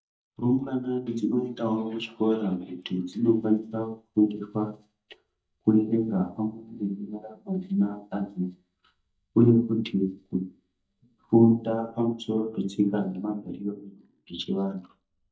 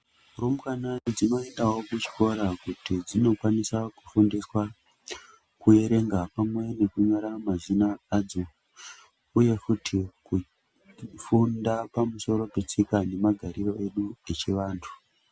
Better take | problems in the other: second | noise reduction (neural mask model DeepFilterNet 3)

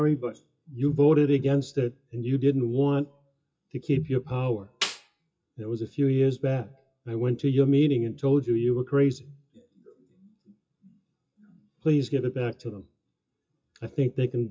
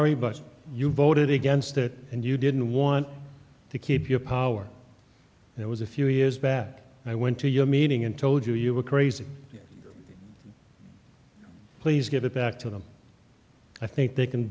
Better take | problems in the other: second | noise reduction (classical method WPE with log-MMSE)

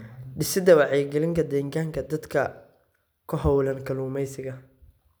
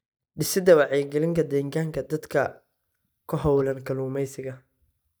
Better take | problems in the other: first | noise reduction (neural mask model DeepFilterNet 3)

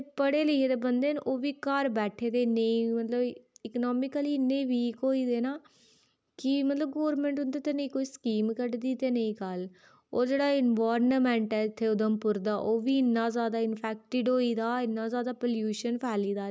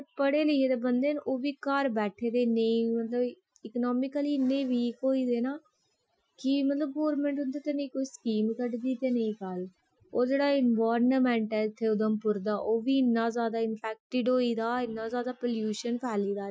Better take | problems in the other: first | noise reduction (classical method Wiener filter)

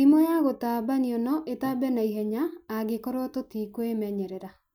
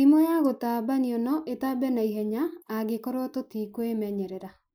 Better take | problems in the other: first | noise reduction (neural mask model Resemble Enhance denoiser)

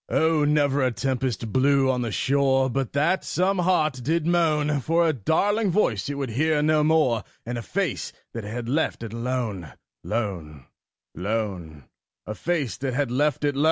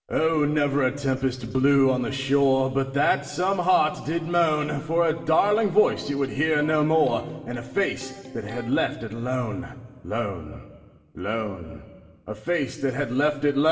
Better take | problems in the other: first | background sound (Electric guitar); 17 dB below the speech // room echo; dies away in 1.7 s

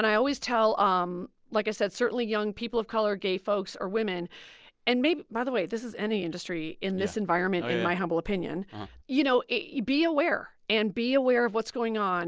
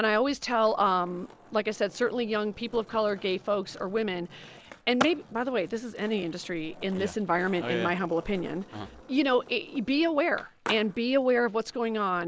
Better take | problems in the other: first | background sound (Skateboard); 16 dB below the speech

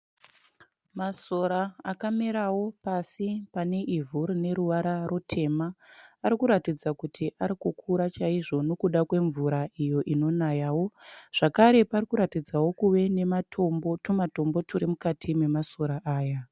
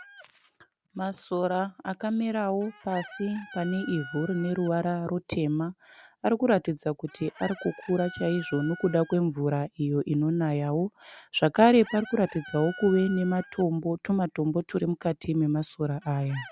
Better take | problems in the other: first | background sound (Chicken, rooster); 20 dB below the speech

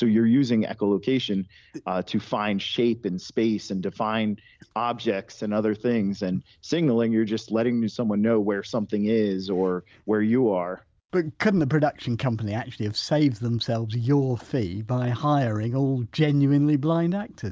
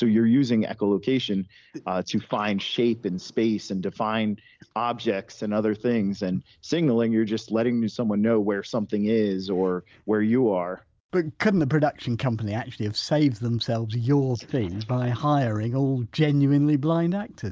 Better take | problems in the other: first | noise reduction (neural mask model Resemble Enhance denoiser)

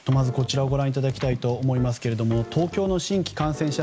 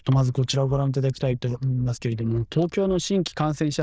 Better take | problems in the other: first | noise reduction (neural diffusion model UNIVERSE++)

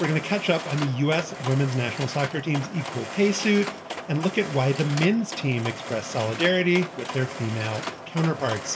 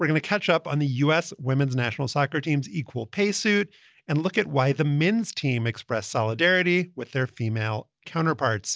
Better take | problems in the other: second | background sound (Mechanisms); 10 dB below the speech // room echo; dies away in 0.7 s

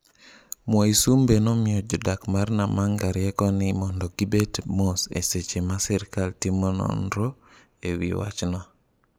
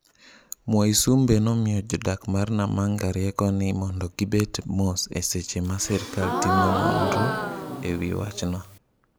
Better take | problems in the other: first | background sound (Gasp); 3 dB below the speech

